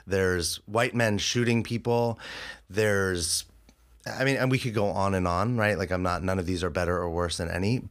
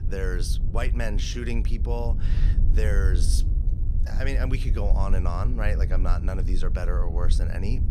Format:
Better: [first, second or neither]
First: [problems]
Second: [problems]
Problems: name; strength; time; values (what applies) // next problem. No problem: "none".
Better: first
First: none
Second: wind noise on the microphone; heavy; 10 dB below the speech